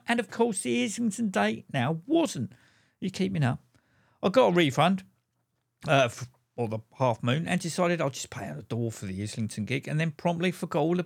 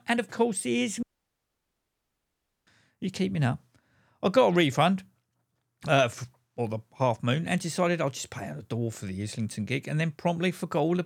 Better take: first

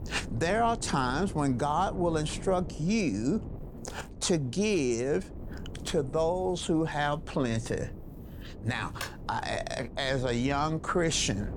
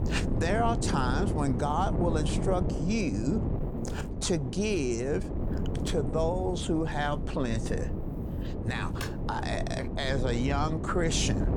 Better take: first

